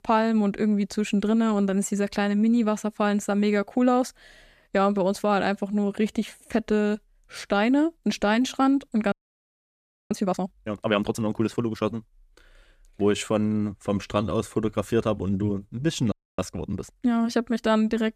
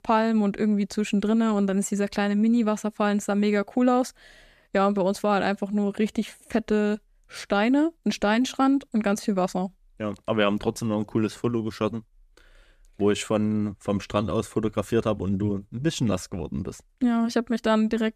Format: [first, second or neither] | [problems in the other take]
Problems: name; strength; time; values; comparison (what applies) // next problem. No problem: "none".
second | audio freezing; at 9 s for 1 s and at 16 s